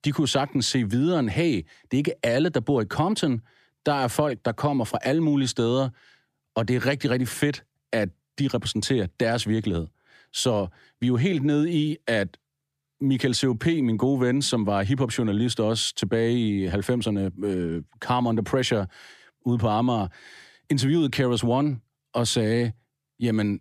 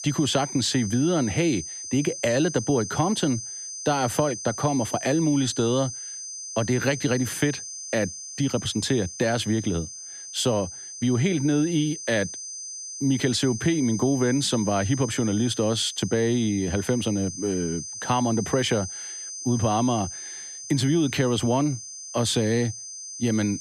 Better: first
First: none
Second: high-pitched whine; loud; throughout; 6 kHz, 9 dB below the speech

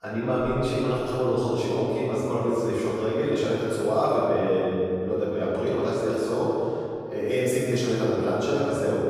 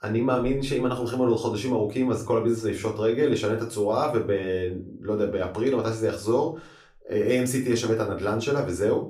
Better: second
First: room echo; strong; dies away in 2.2 s // off-mic speech; far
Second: room echo; slight; dies away in 0.3 s // off-mic speech; somewhat distant

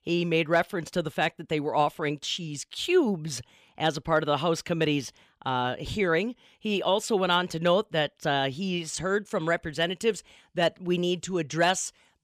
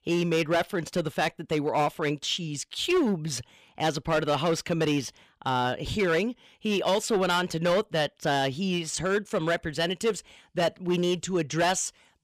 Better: first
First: none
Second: distortion; slight; 7% of the sound clipped

